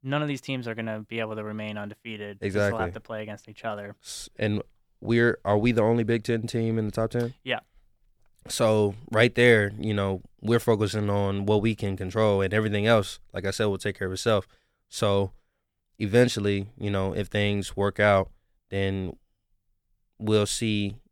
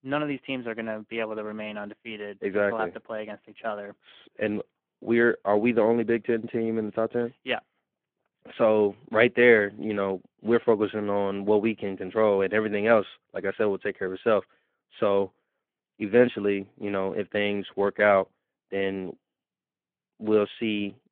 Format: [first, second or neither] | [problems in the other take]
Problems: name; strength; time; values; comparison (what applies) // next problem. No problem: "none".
first | phone-call audio